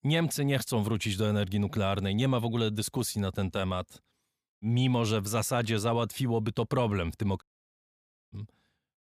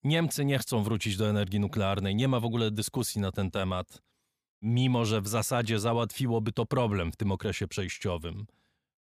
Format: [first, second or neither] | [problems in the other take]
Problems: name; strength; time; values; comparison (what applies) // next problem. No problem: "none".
second | audio cutting out; at 7.5 s for 1 s